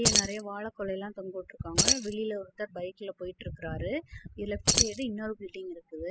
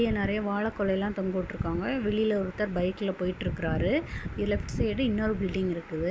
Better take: second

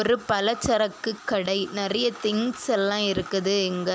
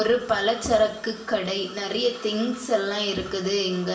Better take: first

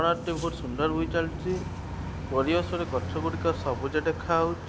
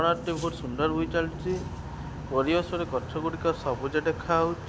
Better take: second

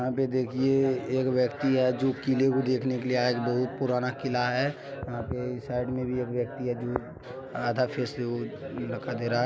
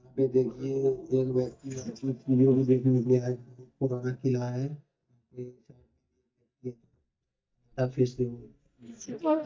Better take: first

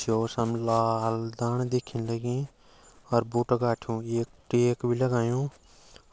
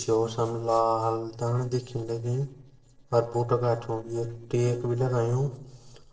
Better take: first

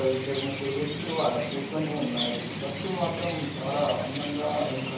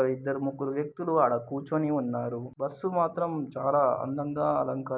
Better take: second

